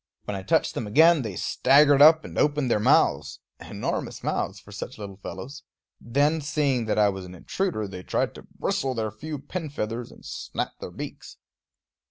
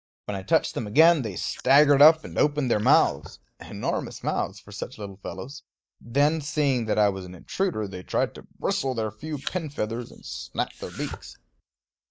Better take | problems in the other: first | noise reduction (neural mask model DeepFilterNet 3)

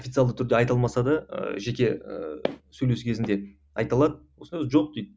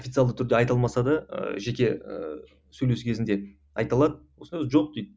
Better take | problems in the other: second | background sound (Walk, footsteps); 14 dB below the speech

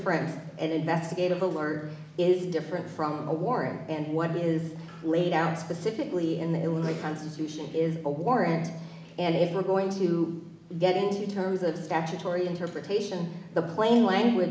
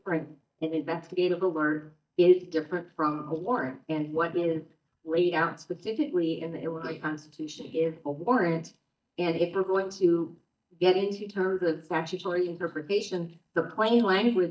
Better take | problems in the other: first | noise reduction (neural mask model DeepFilterNet 3)

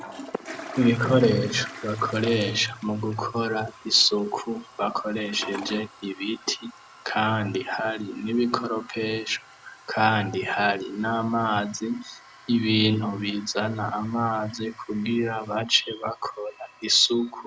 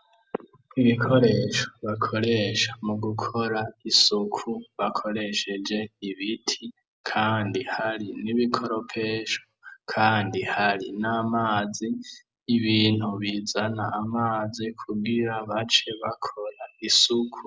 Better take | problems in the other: second | background sound (Toilet flush); 18 dB below the speech

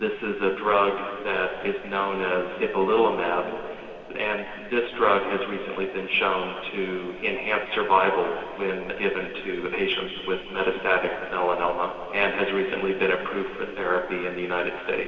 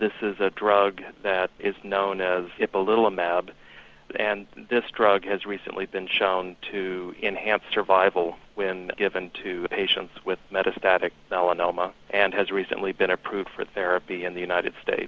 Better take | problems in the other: second | room echo; dies away in 2.6 s

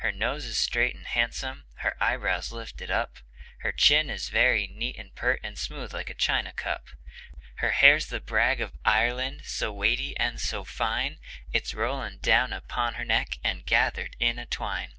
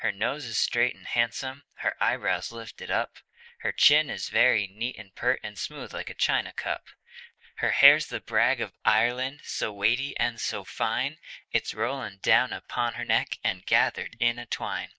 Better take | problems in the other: first | noise reduction (neural mask model Resemble Enhance denoiser)

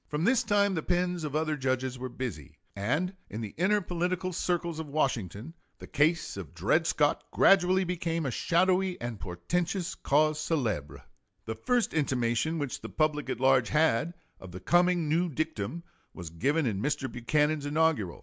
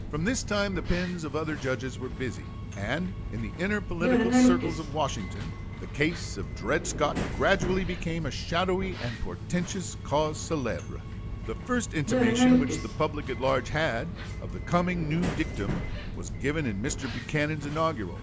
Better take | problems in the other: first | background sound (Subway, metro, underground); 1 dB below the speech

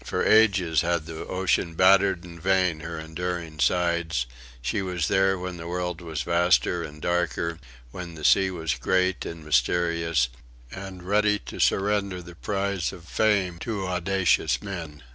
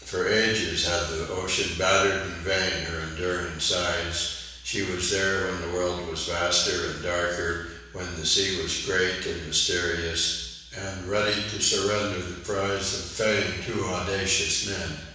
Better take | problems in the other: first | room echo; dies away in 1.1 s

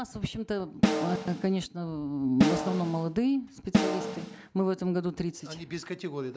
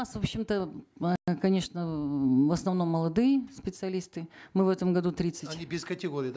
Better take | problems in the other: second | background sound (Snare drum); 2 dB above the speech

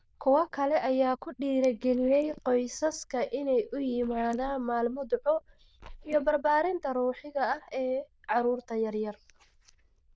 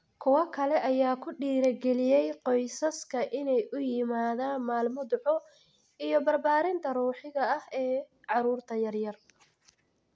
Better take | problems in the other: second | noise reduction (neural diffusion model UNIVERSE++)

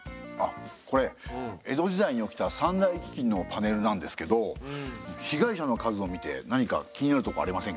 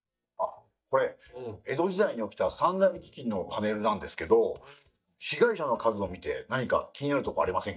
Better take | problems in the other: first | noise reduction (neural mask model DeepFilterNet 3)

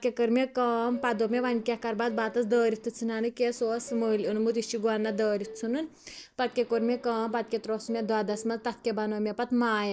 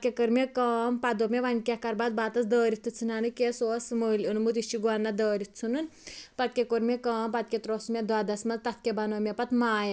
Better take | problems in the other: second | noise reduction (neural mask model DeepFilterNet 3)

